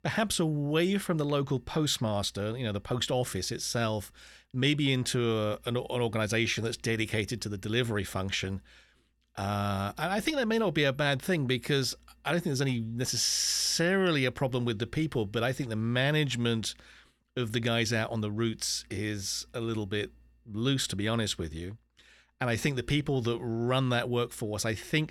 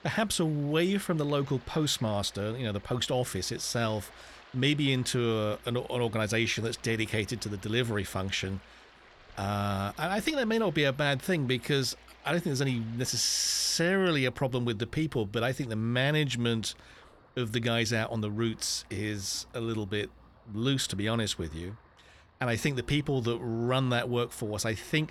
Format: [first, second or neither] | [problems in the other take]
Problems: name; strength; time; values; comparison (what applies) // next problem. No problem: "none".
first | rain or running water; faint; throughout; 25 dB below the speech